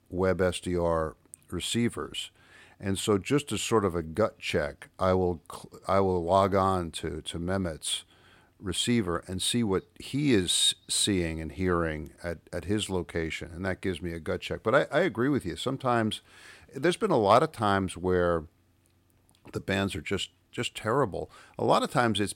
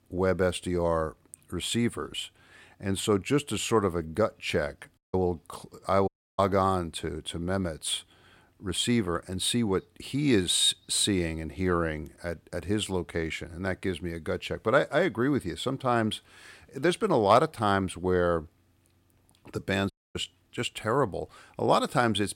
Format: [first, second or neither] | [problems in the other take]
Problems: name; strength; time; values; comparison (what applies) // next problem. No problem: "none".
first | audio cutting out; at 5 s, at 6 s and at 20 s